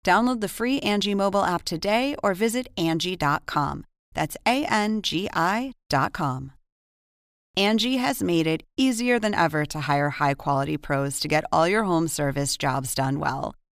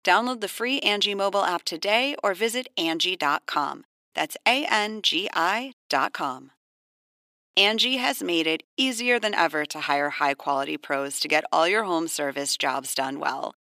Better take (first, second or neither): first